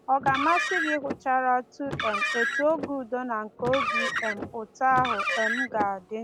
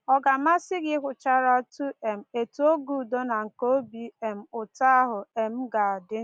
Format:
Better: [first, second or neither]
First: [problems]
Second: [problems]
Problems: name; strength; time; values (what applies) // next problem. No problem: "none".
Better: second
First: background sound (Car); 3 dB below the speech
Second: none